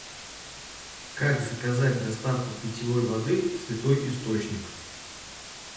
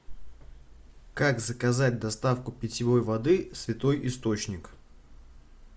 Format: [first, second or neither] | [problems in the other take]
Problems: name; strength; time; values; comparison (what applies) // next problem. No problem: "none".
second | background sound (Water); 13 dB below the speech // room echo; dies away in 0.9 s